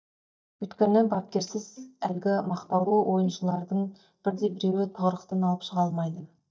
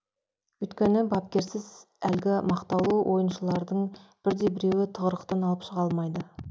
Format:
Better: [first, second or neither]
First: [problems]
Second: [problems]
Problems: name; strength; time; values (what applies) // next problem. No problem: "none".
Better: second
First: noise reduction (neural mask model DeepFilterNet 3)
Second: none